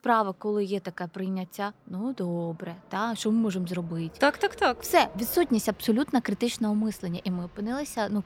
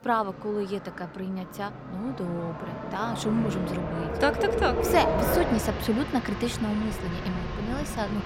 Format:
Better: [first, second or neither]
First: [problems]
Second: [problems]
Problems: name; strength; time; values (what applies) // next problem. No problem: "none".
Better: first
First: traffic noise; faint; throughout; 20 dB below the speech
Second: traffic noise; loud; throughout; 1 dB below the speech